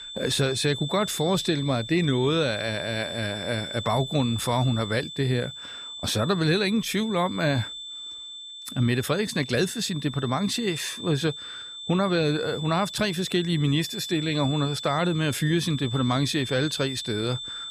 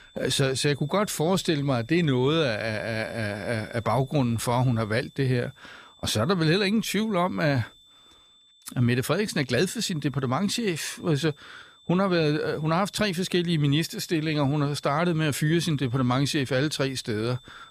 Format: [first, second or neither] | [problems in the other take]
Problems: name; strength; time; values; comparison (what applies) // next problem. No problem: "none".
second | high-pitched whine; loud; throughout; 3.5 kHz, 9 dB below the speech; faint in the second